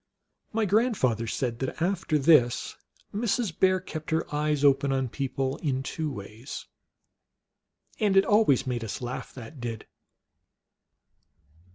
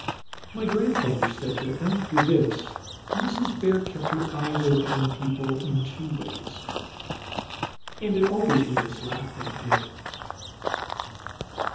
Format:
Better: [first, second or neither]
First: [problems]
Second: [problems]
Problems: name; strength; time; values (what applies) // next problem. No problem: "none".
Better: first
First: none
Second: background sound (Run / Bird vocalization, bird call, bird song); 4 dB below the speech // room echo; dies away in 0.9 s